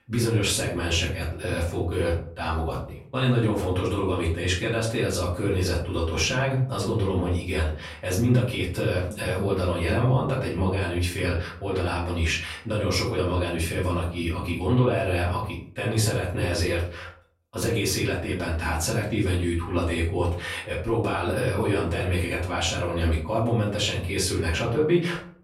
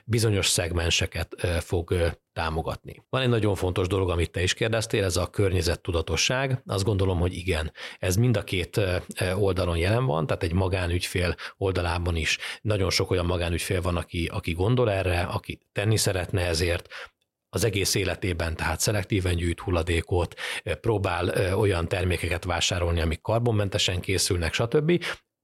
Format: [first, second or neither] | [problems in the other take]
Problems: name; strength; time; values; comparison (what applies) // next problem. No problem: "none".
second | room echo; slight; dies away in 0.4 s // off-mic speech; far